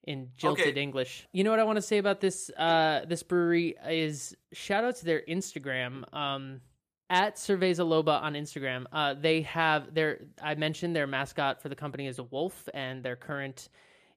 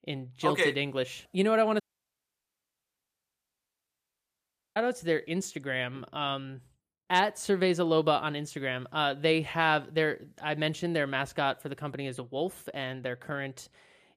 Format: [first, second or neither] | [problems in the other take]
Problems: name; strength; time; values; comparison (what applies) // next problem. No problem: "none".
first | audio cutting out; at 2 s for 3 s